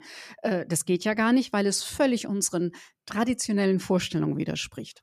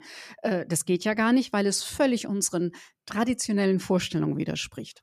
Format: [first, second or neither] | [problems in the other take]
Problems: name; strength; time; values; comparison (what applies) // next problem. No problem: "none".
neither | none